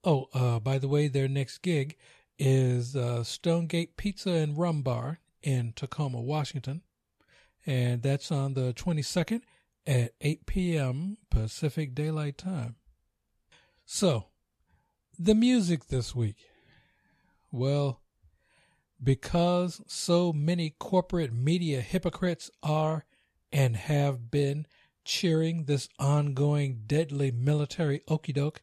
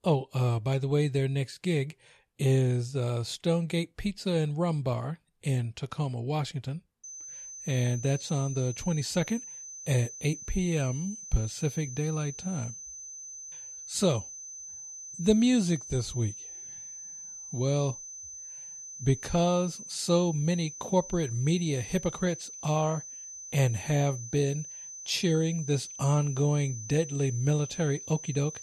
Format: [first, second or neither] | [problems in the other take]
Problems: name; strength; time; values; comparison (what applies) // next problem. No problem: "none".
first | high-pitched whine; noticeable; from 7 s on; 6 kHz, 10 dB below the speech